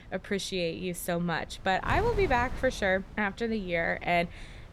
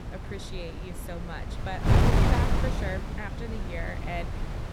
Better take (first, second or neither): first